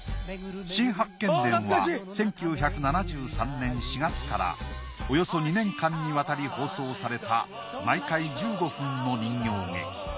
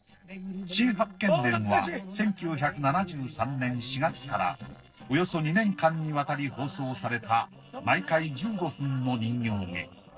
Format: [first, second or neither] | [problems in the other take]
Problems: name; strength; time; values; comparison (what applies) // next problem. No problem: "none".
first | noise reduction (neural separator model SepFormer DNS4)